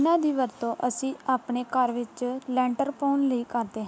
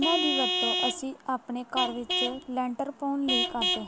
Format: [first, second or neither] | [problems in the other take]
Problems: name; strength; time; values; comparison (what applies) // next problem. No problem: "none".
first | background sound (Vehicle horn, car horn, honking / Truck); 1 dB above the speech